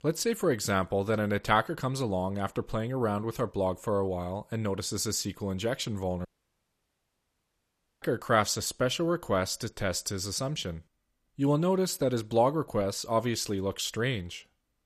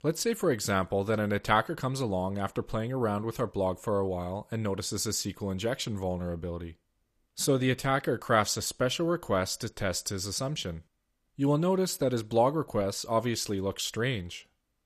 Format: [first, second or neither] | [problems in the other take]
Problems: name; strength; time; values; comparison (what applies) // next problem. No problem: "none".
second | audio cutting out; at 6.5 s for 2 s